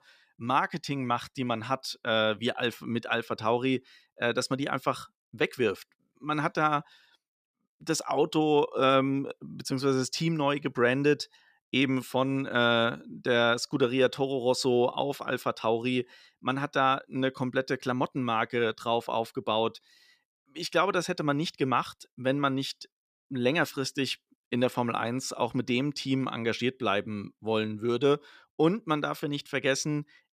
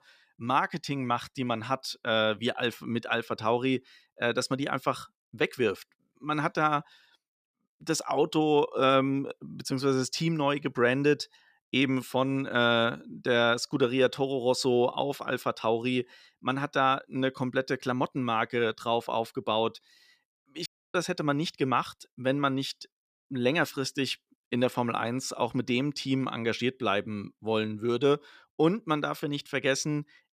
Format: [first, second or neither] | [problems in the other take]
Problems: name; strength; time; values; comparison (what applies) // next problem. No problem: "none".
first | audio cutting out; at 21 s